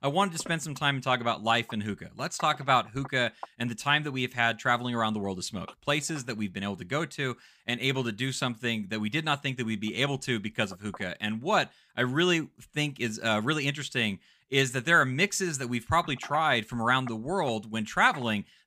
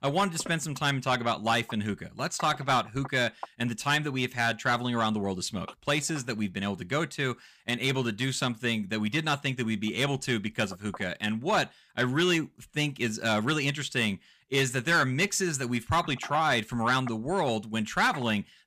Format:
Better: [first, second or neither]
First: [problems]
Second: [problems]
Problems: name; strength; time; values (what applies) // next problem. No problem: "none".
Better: first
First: none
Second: distortion; slight; 10 dB below the speech